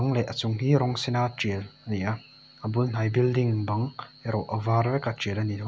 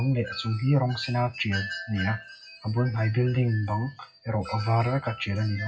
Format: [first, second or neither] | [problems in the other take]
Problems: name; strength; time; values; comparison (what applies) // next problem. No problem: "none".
first | noise reduction (classical method WPE with log-MMSE)